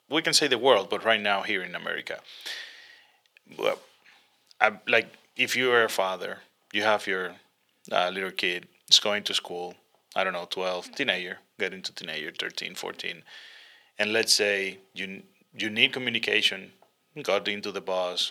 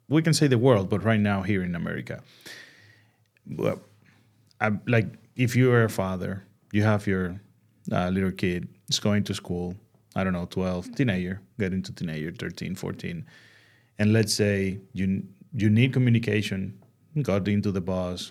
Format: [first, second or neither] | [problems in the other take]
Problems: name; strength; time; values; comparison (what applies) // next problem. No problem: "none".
second | thin; very; fading below 600 Hz